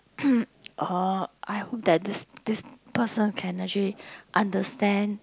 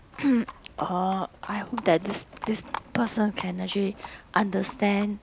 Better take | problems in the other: first | background sound (Livestock, farm animals, working animals); 16 dB below the speech

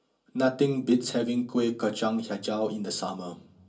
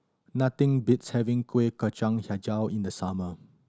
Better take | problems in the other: second | room echo; dies away in 0.2 s

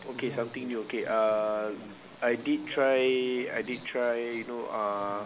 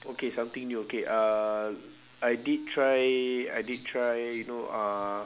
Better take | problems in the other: second | background sound (Chatter / Stream); 18 dB below the speech

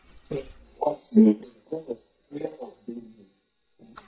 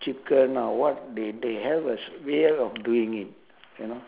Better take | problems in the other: second | noise reduction (neural mask model DeepFilterNet 3)

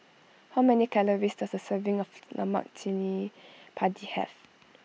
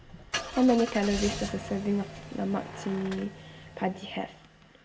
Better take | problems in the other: first | background sound (Engine starting / Car); 10 dB below the speech // room echo; dies away in 1 s

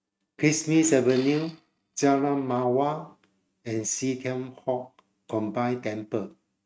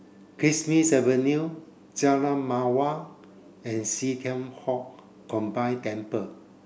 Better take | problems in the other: second | noise reduction (neural mask model RNNoise)

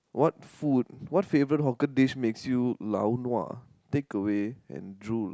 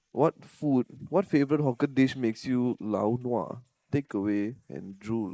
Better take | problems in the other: first | noise reduction (neural mask model Resemble Enhance denoiser)

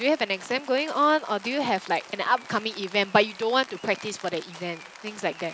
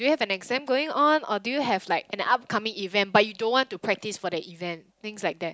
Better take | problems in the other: second | background sound (Rain); 18 dB below the speech

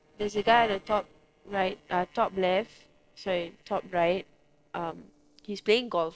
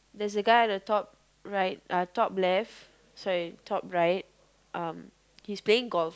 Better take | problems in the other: second | noise reduction (neural separator model SepFormer DNS4)

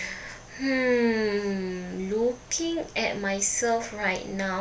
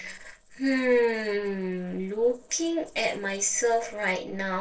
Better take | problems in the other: first | noise reduction (neural separator model SepFormer DNS4)

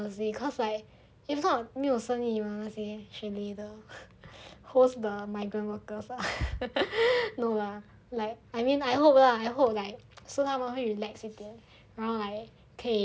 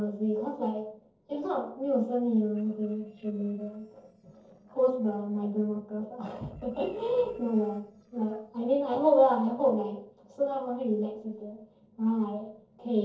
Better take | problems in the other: first | noise reduction (neural separator model SepFormer DNS4)

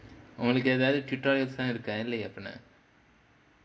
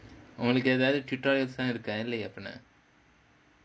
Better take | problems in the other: second | room echo; dies away in 1.2 s

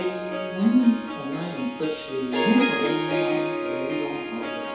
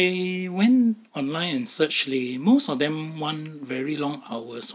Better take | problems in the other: second | background sound (Harp); 3 dB below the speech // room echo; dies away in 0.8 s

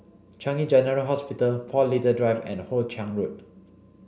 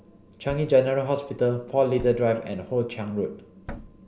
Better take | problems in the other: first | background sound (Thump, thud); 20 dB below the speech

